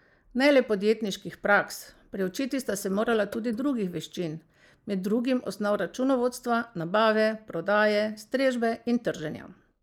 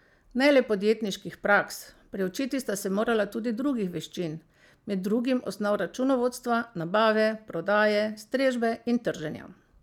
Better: second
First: noise reduction (neural mask model Resemble Enhance denoiser)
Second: none

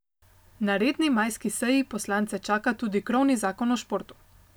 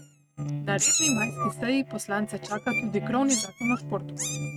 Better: first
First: none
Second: noise reduction (neural mask model RNNoise)

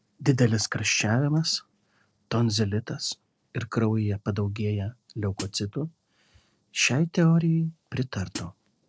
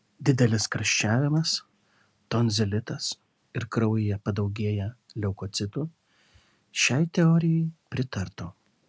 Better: second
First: noise reduction (neural separator model SepFormer DNS4)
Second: none

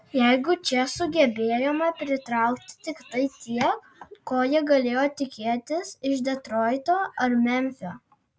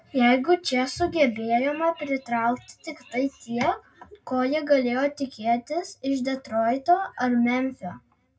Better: first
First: none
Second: room echo; dies away in 0.2 s

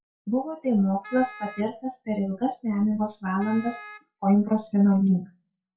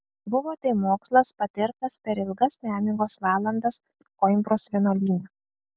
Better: second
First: noise reduction (classical method WPE with log-MMSE)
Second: none

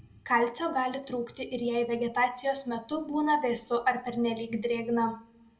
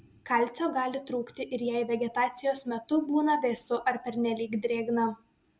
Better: second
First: room echo; dies away in 0.4 s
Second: none

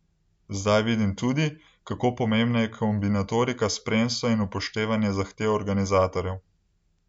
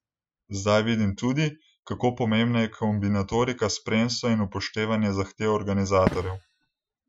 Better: first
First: none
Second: noise reduction (classical method Wiener filter)

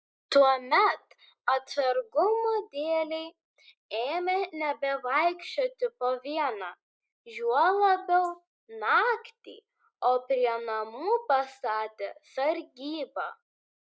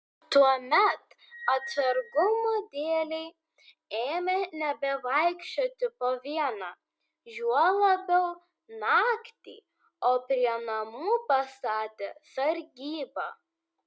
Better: second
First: noise reduction (neural mask model Resemble Enhance denoiser)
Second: none

